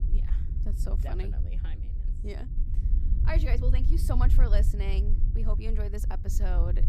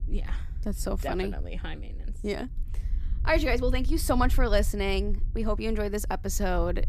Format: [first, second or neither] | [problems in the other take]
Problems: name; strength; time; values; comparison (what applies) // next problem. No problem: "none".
second | low rumble; loud; throughout; 8 dB below the speech; faint in the second